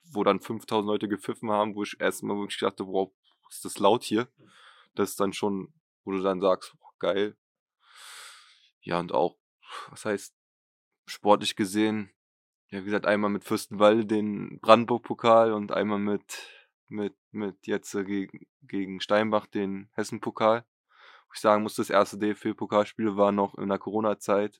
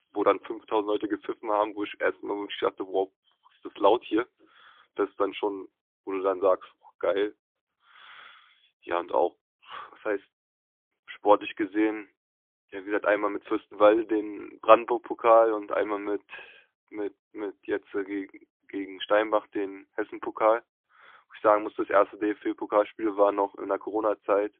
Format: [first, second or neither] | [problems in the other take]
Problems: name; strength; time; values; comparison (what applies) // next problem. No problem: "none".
first | phone-call audio; poor line; nothing above 3.5 kHz